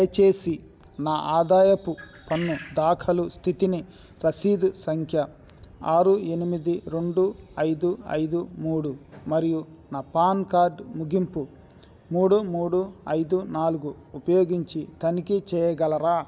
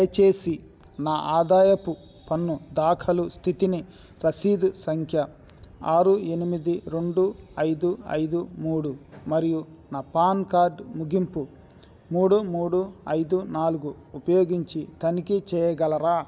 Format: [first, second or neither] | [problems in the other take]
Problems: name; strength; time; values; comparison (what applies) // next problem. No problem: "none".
second | background sound (Bird); 17 dB below the speech